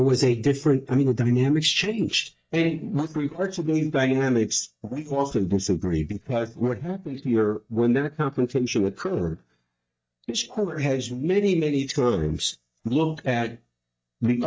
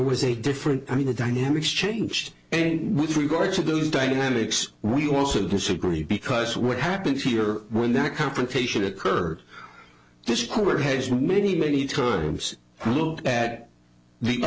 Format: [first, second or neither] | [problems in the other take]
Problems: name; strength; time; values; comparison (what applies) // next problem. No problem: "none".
second | noise reduction (neural mask model DeepFilterNet 3)